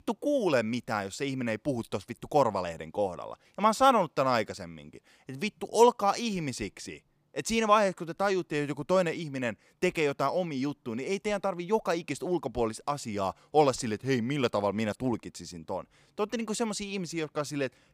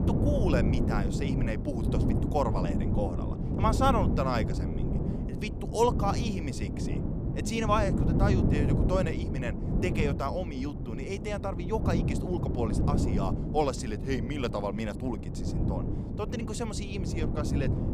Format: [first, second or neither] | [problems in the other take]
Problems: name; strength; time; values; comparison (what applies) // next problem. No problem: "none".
first | wind noise on the microphone; heavy; 5 dB below the speech